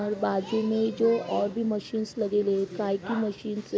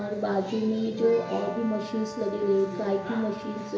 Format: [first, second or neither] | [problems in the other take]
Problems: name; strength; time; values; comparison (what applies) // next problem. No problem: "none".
first | background sound (Brass instrument); 14 dB below the speech // room echo; dies away in 1.1 s